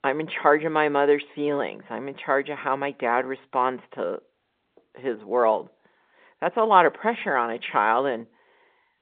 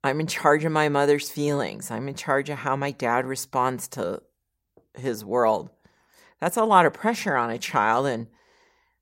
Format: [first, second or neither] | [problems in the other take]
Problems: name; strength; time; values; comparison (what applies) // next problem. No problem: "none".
second | phone-call audio; nothing above 3.5 kHz